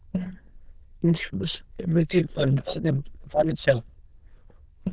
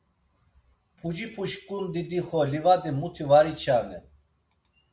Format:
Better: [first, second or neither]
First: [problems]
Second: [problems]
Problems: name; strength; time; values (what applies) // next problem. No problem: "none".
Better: second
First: noise reduction (neural diffusion model UNIVERSE++)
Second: none